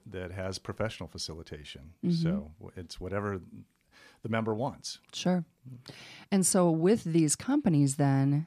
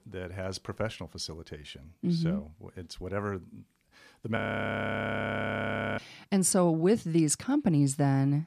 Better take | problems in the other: first | audio freezing; at 4.5 s for 1.5 s

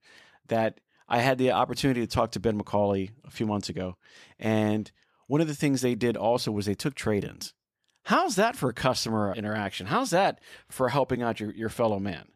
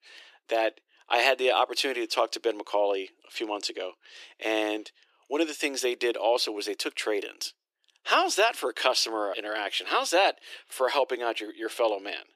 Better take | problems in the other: first | thin; very; fading below 350 Hz

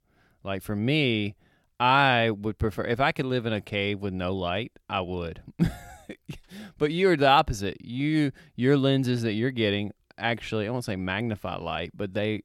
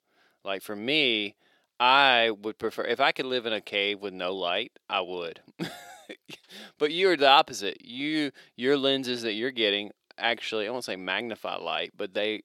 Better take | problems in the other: first | thin; somewhat; fading below 400 Hz

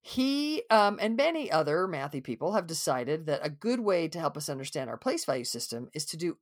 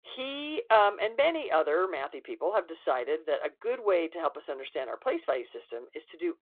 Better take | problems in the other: first | phone-call audio; nothing above 3.5 kHz

